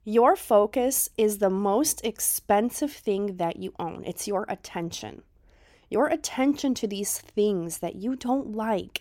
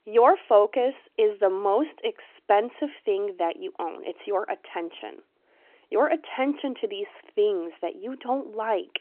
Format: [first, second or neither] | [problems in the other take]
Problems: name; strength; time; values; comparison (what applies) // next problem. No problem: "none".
first | phone-call audio